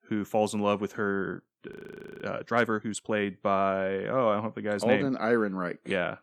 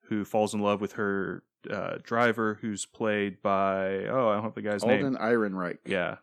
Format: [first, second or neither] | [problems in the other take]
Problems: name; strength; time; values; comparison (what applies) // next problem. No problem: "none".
second | audio freezing; at 1.5 s for 0.5 s